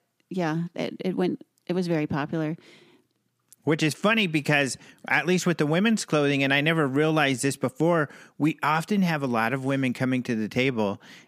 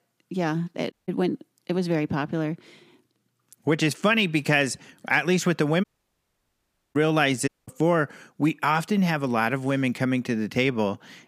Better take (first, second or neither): first